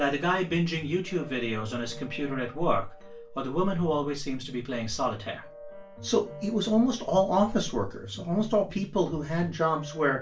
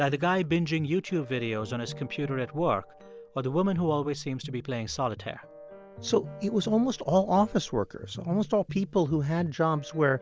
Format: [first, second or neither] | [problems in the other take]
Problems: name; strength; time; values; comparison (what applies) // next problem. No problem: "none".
second | room echo; dies away in 0.3 s